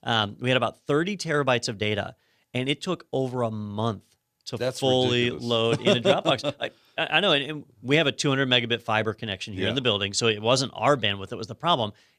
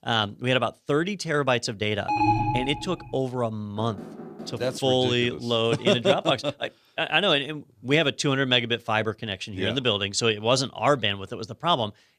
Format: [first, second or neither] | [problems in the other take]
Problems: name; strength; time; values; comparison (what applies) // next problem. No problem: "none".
first | alarm; loud; at 2 s; peak 2 dB above the speech // door banging; faint; from 4 to 5 s; peak 15 dB below the speech